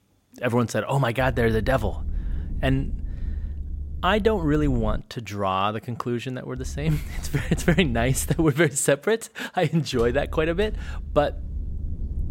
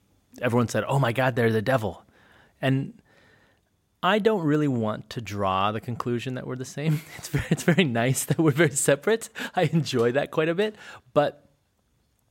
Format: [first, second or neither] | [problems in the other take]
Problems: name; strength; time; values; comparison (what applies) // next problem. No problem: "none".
second | low rumble; faint; from 1 to 5 s, from 6.5 to 8.5 s and from 10 s on; 25 dB below the speech